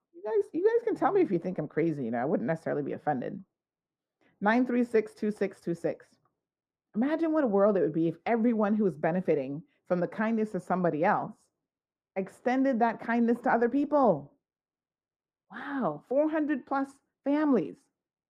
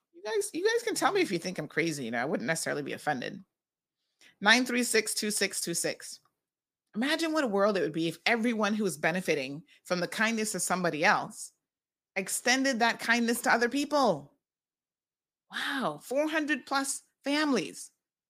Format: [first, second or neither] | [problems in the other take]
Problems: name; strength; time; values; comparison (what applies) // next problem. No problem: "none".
second | muffled; very; fading above 2 kHz